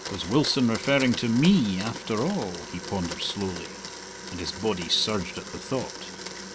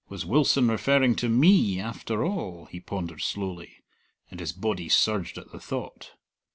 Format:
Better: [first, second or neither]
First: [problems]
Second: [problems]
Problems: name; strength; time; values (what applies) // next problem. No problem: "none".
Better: second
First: background sound (Domestic sounds, home sounds); 11 dB below the speech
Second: none